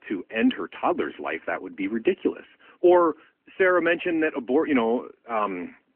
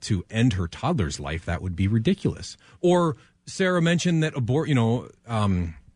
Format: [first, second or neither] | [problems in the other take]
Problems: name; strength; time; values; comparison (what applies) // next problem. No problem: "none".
second | phone-call audio; nothing above 3 kHz